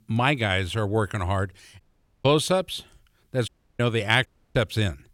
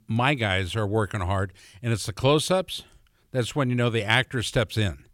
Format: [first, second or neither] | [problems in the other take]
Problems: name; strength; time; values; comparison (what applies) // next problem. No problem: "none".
second | audio cutting out; at 2 s, at 3.5 s and at 4.5 s